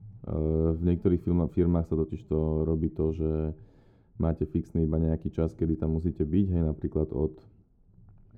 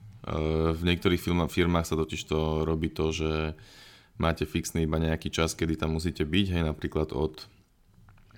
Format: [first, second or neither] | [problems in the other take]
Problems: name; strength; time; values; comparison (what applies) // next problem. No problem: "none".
second | muffled; very; fading above 1 kHz